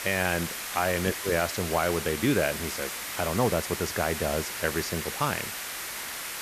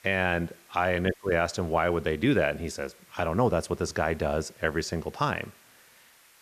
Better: second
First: hiss; loud; throughout; 4 dB below the speech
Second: hiss; faint; throughout; 25 dB below the speech

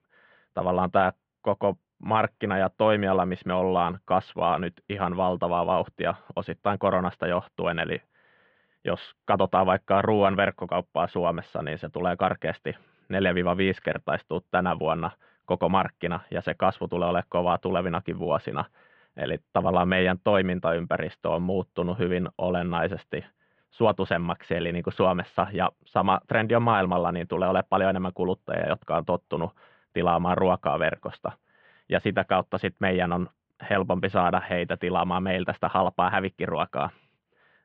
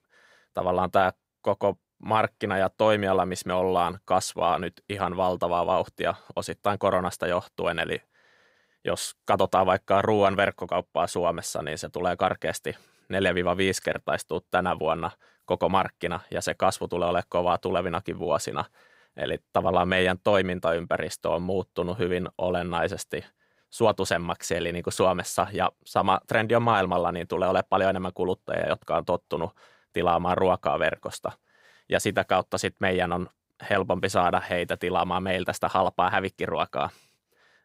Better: second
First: muffled; very; fading above 3 kHz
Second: none

